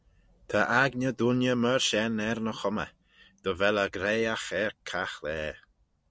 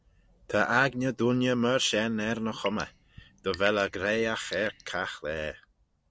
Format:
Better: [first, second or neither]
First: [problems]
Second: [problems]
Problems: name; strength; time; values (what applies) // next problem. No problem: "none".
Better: first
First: none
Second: background sound (Drip / Sink (filling or washing) / Water tap, faucet / Water); 18 dB below the speech